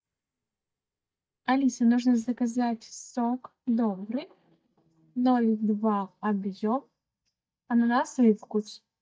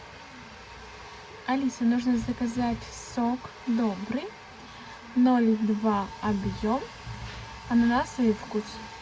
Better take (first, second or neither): second